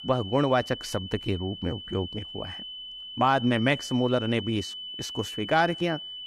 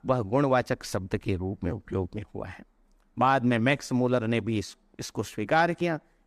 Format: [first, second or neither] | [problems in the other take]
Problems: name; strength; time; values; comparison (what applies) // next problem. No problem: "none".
second | high-pitched whine; loud; throughout; 3 kHz, 10 dB below the speech